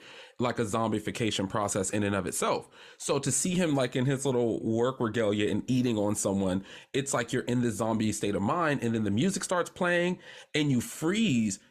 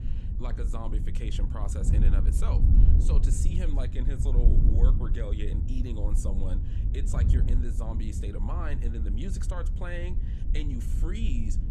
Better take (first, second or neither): first